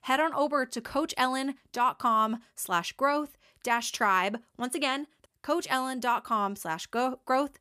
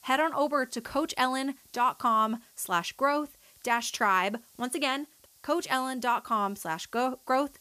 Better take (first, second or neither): first